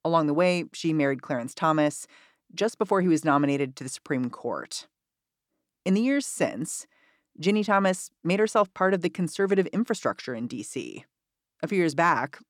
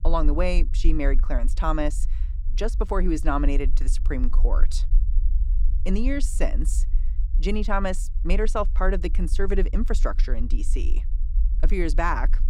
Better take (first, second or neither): first